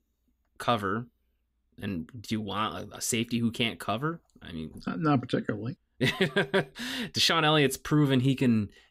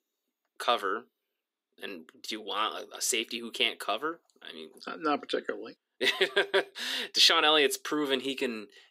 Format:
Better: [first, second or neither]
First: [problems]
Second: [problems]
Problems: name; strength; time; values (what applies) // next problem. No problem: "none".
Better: first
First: none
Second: thin; somewhat; fading below 350 Hz